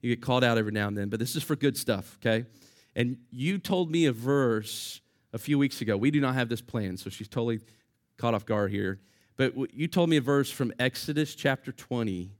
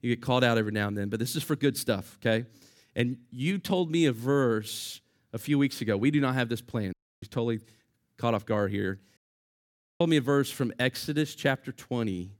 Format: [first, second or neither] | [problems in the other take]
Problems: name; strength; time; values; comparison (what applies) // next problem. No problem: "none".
first | audio cutting out; at 7 s and at 9 s for 1 s